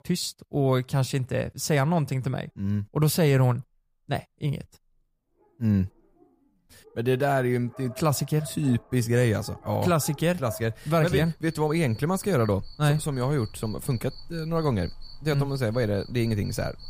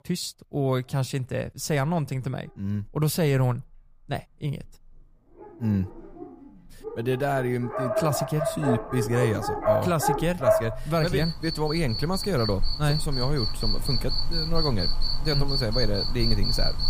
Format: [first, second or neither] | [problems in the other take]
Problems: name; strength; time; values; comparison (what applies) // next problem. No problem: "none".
first | animal sounds; loud; throughout; 1 dB below the speech; faint in the first